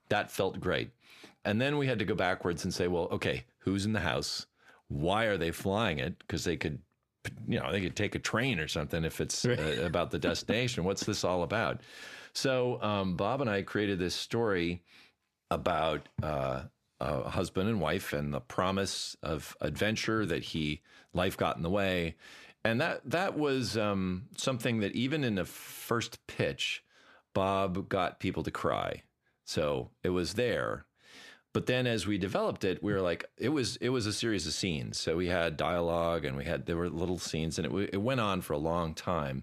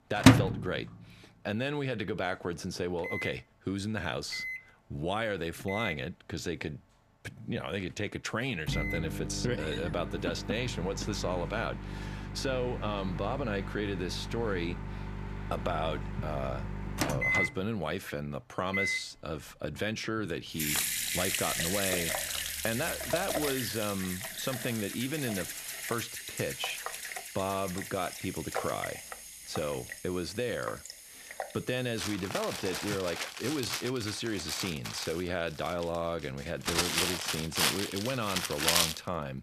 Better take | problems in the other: first | household noises; very loud; throughout; 1 dB above the speech

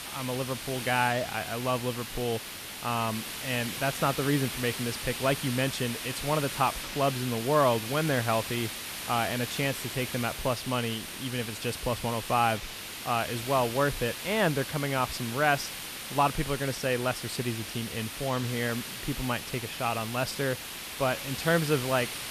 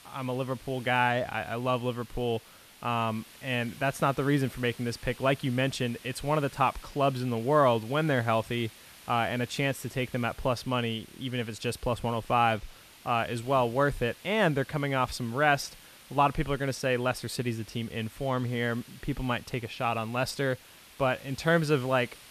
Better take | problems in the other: second | hiss; loud; throughout; 6 dB below the speech; faint in the second

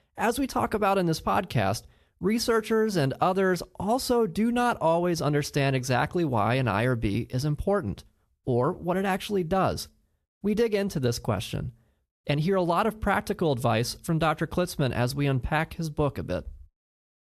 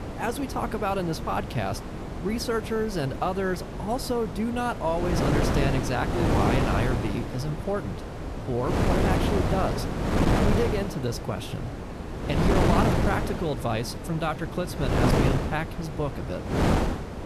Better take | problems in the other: first | wind noise on the microphone; heavy; 1 dB below the speech

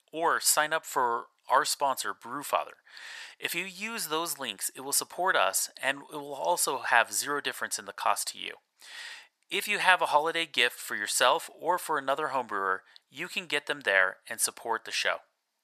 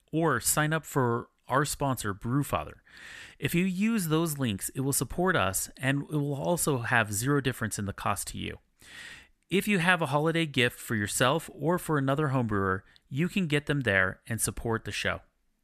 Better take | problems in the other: second | thin; very; fading below 650 Hz

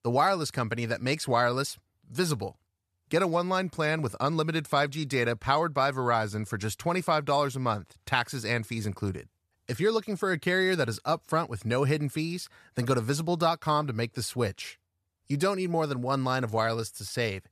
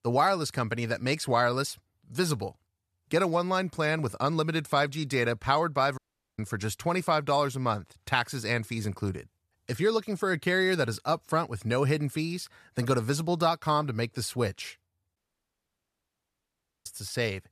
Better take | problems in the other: first | audio cutting out; at 6 s and at 15 s for 1.5 s

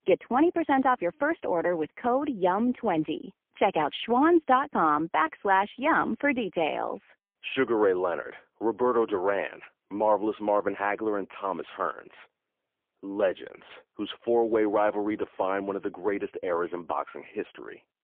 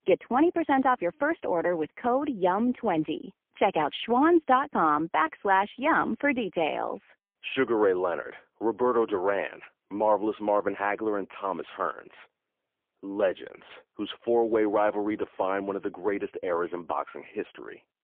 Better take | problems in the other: neither | phone-call audio; poor line; nothing above 3.5 kHz; the same in both

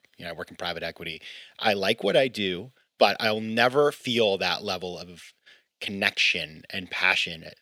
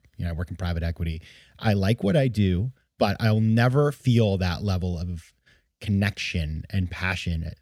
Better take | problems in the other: second | thin; very; fading below 400 Hz

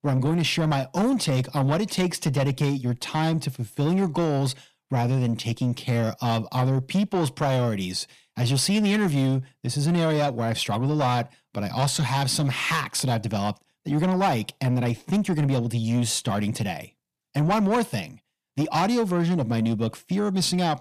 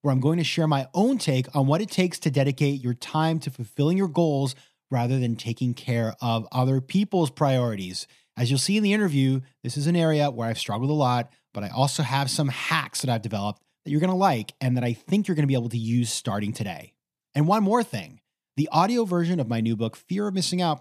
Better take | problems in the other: second | distortion; slight; 10 dB below the speech

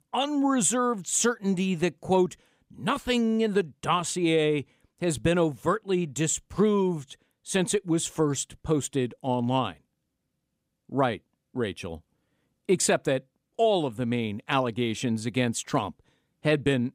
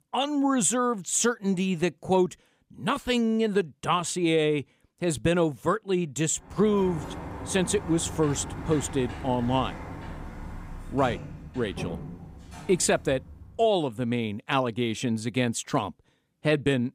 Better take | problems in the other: first | door banging; noticeable; from 6.5 to 14 s; peak 9 dB below the speech

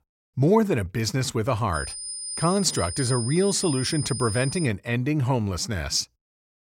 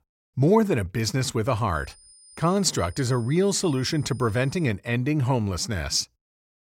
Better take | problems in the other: second | high-pitched whine; loud; from 2 to 4.5 s; 9 kHz, 7 dB below the speech; faint in the second

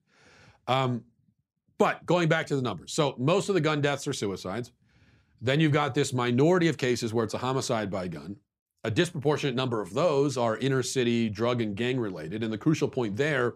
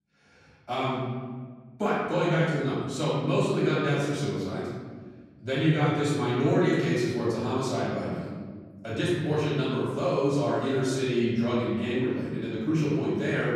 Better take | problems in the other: first | off-mic speech; far // room echo; strong; dies away in 1.5 s

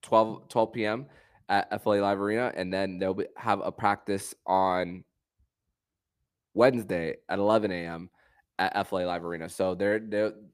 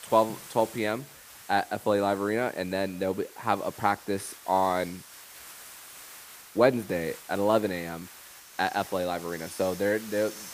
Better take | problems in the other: first | hiss; noticeable; throughout; 15 dB below the speech

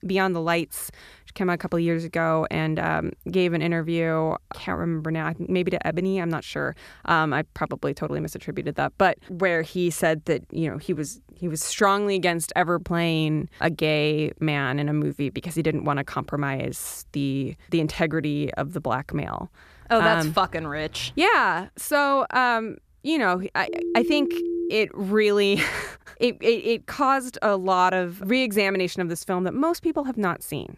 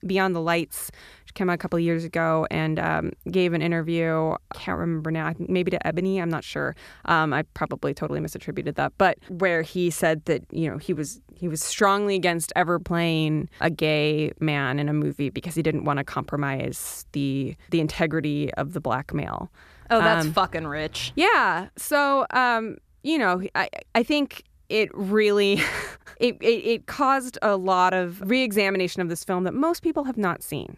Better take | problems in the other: second | phone ringing; noticeable; from 24 to 25 s; peak 3 dB below the speech

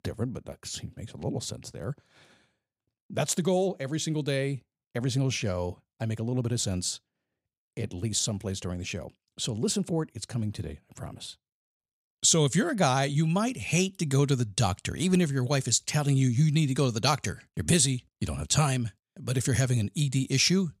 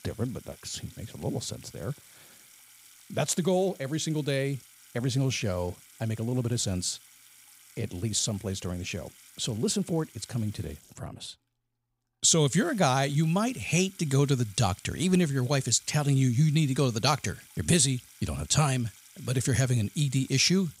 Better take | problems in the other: first | household noises; faint; throughout; 25 dB below the speech

